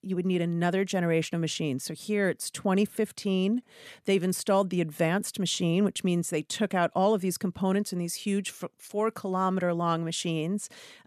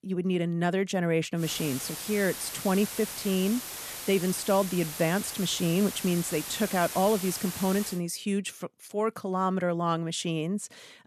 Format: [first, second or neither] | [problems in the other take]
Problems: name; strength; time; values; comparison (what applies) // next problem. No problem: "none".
first | hiss; loud; from 1.5 to 8 s; 7 dB below the speech